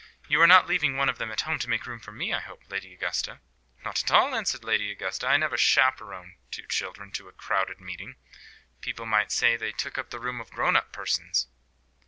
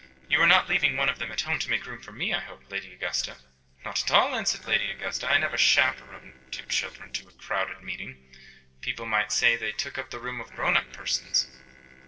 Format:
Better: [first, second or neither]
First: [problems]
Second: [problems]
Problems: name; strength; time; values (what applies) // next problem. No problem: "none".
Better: first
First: none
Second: noise reduction (neural separator model SepFormer DNS4)